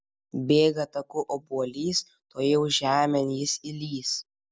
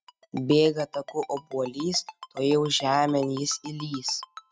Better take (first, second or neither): first